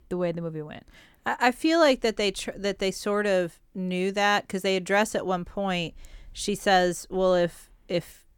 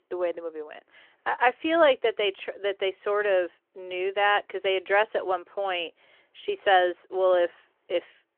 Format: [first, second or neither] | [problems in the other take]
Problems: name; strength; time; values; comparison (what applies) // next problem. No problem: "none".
first | phone-call audio; nothing above 3 kHz